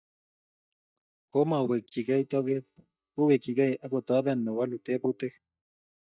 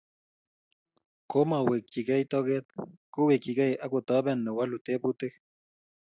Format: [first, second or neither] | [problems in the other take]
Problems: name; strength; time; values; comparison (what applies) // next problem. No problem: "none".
second | noise reduction (neural mask model DeepFilterNet 3)